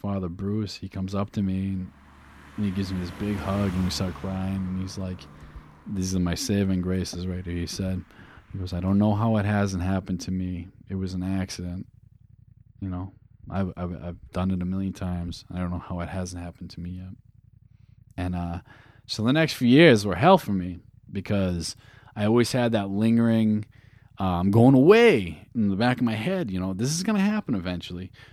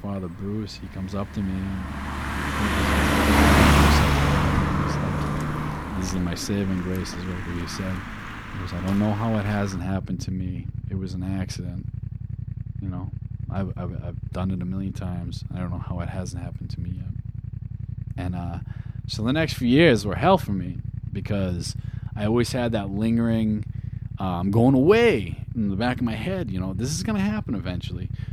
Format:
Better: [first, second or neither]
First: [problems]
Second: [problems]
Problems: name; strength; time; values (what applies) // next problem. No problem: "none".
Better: first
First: traffic noise; faint; throughout; 25 dB below the speech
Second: traffic noise; loud; throughout; 2 dB below the speech